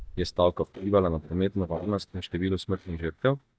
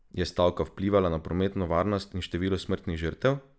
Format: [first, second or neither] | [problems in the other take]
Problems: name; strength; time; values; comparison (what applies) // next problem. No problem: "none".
second | noise reduction (neural mask model DeepFilterNet 3)